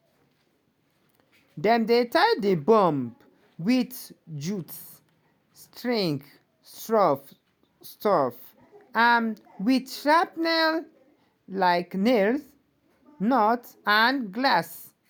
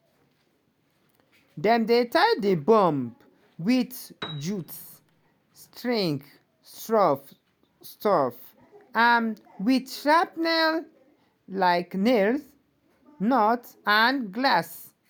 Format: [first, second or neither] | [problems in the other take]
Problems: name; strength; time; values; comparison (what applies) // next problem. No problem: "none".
first | background sound (Piano); 17 dB below the speech